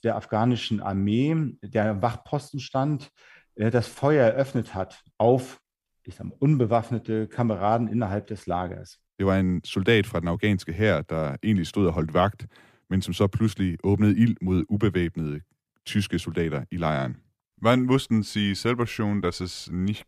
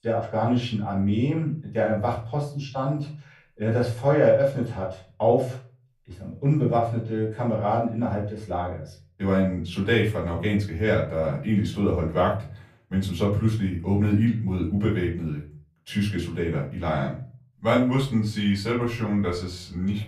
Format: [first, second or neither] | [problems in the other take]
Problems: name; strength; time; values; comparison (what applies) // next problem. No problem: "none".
first | off-mic speech; far // room echo; slight; dies away in 0.3 s